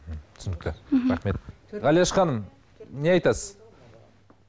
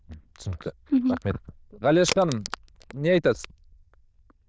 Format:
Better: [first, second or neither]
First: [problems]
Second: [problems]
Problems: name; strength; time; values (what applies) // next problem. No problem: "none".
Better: first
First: none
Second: noise reduction (neural diffusion model UNIVERSE++)